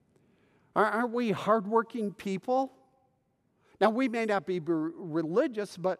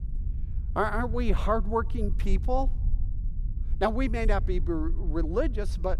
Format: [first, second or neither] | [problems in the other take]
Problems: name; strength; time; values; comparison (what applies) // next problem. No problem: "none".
first | low rumble; faint; throughout; 20 dB below the speech